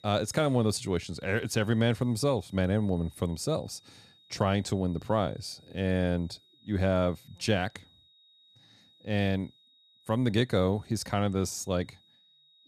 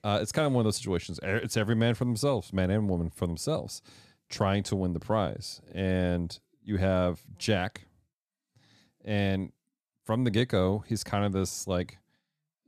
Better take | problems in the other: second | high-pitched whine; faint; throughout; 4 kHz, 30 dB below the speech

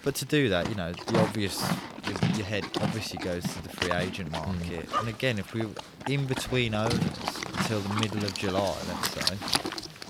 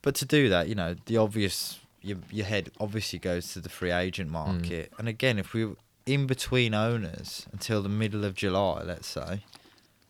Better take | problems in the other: second | animal sounds; loud; throughout; 1 dB below the speech; faint in the second

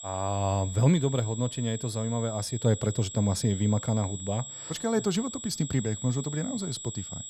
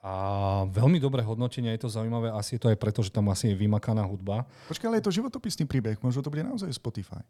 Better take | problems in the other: second | high-pitched whine; loud; throughout; 7.5 kHz, 10 dB below the speech

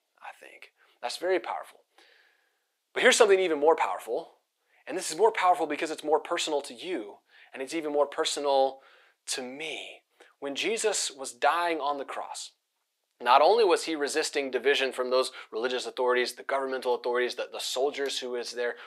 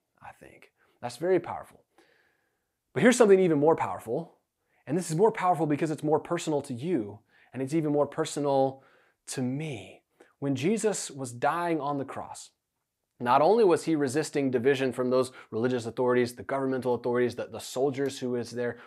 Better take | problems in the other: second | thin; somewhat; fading below 450 Hz

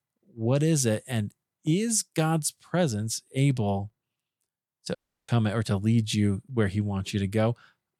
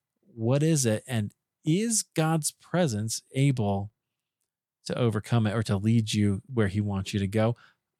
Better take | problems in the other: second | audio cutting out; at 5 s

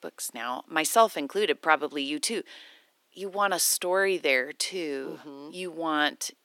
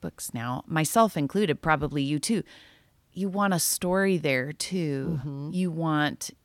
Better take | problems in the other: second | thin; somewhat; fading below 350 Hz

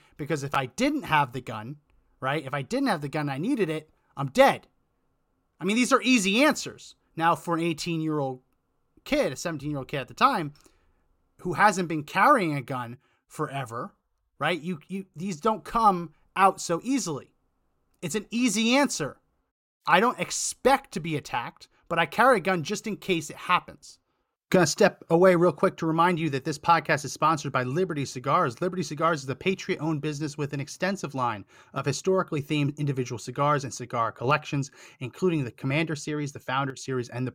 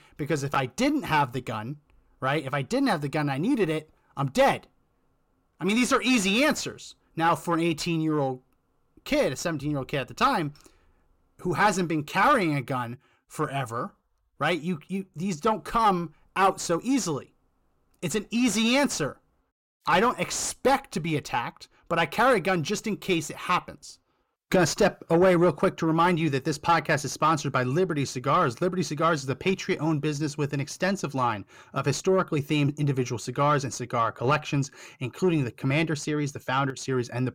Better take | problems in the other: first | distortion; slight; 10 dB below the speech

